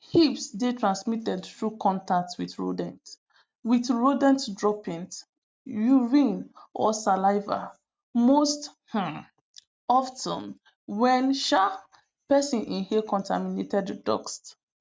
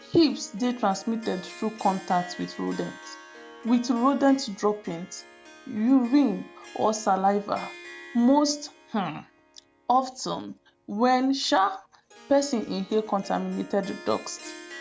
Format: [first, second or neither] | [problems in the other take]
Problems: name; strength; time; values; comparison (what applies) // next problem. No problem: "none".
first | background sound (Harp); 20 dB below the speech